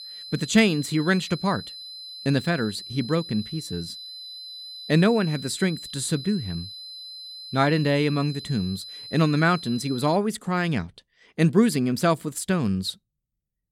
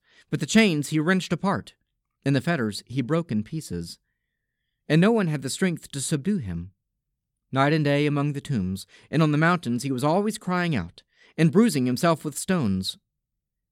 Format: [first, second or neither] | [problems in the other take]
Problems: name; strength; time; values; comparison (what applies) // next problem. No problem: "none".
second | high-pitched whine; noticeable; until 10 s; 4 kHz, 10 dB below the speech